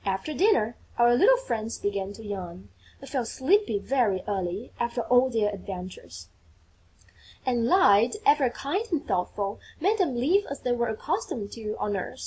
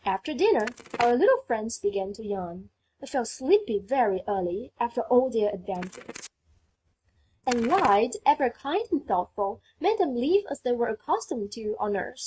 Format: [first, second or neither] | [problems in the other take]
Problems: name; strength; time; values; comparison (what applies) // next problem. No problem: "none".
first | noise reduction (neural mask model RNNoise)